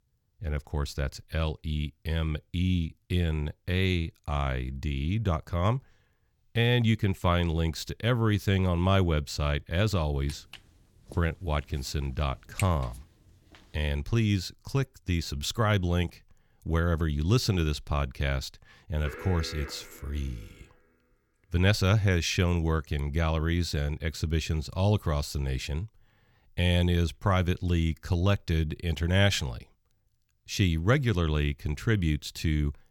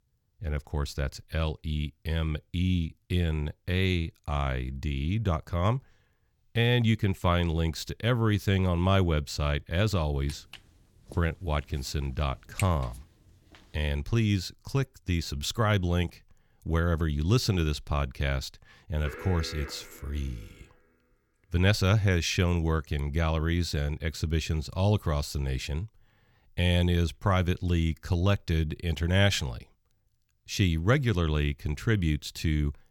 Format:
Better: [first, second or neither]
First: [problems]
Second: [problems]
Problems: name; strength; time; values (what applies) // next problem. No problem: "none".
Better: neither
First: footsteps; faint; from 10 to 13 s; peak 10 dB below the speech // alarm; faint; from 19 to 21 s; peak 10 dB below the speech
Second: footsteps; faint; from 10 to 13 s; peak 10 dB below the speech // alarm; faint; from 19 to 21 s; peak 10 dB below the speech